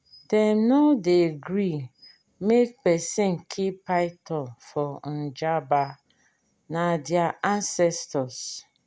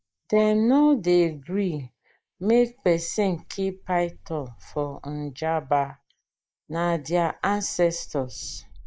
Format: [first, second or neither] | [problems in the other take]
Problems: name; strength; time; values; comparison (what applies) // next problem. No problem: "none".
first | noise reduction (neural mask model Resemble Enhance denoiser)